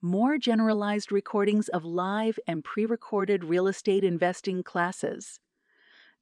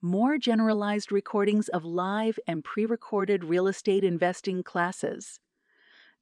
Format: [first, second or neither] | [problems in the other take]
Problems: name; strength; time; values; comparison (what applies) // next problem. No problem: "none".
neither | none